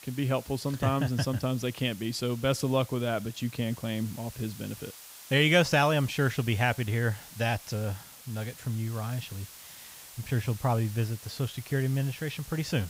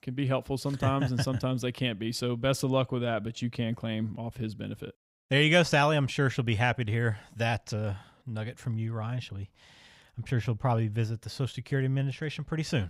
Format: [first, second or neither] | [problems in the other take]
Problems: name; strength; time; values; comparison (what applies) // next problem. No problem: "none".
second | hiss; noticeable; throughout; 15 dB below the speech